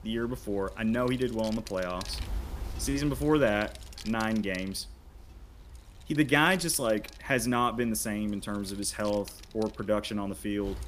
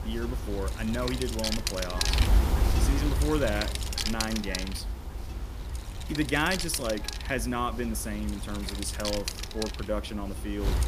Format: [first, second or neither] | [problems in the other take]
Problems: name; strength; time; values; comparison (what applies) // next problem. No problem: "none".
first | wind noise on the microphone; heavy; 2 dB below the speech; occasional gusts in the first